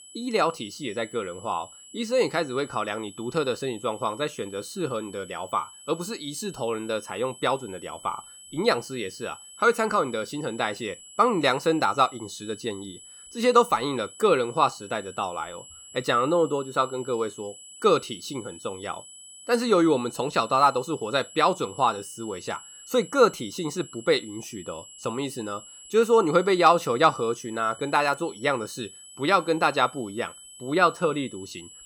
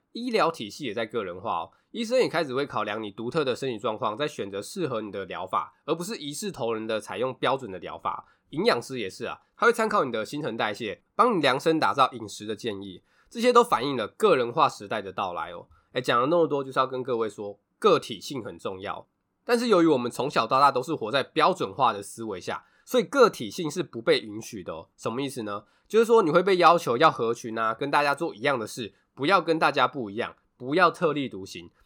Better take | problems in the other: second | high-pitched whine; noticeable; throughout; 8 kHz, 20 dB below the speech

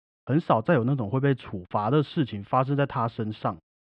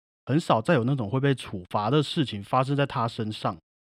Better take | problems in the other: second | muffled; slightly; fading above 2 kHz

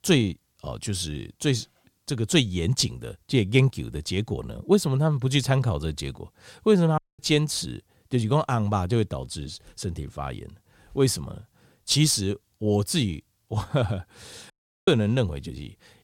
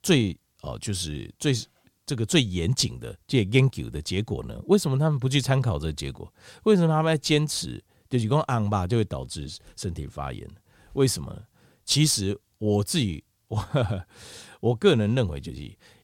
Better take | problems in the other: second | audio cutting out; at 7 s and at 15 s

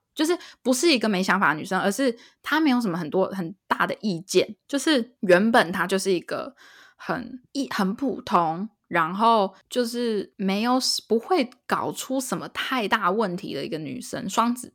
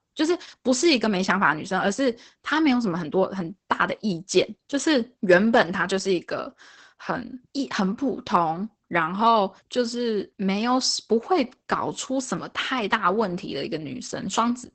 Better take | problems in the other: first | garbled, watery; badly; nothing above 8 kHz

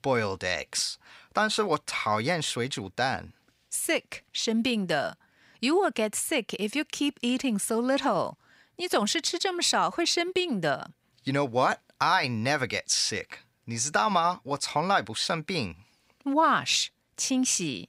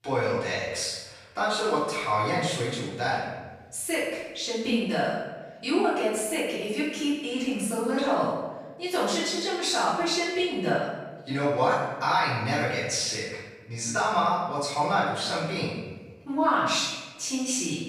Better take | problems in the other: first | off-mic speech; far // room echo; strong; dies away in 1 s

